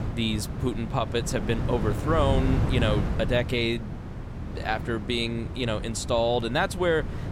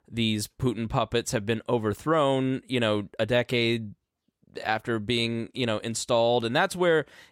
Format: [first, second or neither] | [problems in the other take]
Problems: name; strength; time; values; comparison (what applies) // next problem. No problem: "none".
second | wind noise on the microphone; occasional gusts; 10 dB below the speech